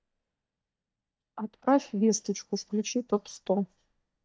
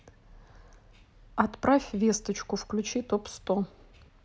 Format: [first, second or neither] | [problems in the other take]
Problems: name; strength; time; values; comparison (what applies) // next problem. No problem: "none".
second | noise reduction (neural mask model DeepFilterNet 3)